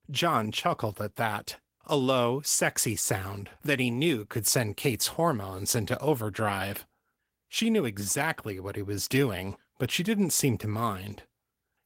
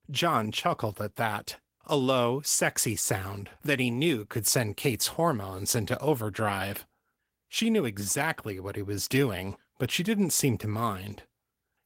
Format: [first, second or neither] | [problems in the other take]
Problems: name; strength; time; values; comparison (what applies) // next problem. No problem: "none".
neither | garbled, watery; slightly; nothing above 16 kHz; the same in both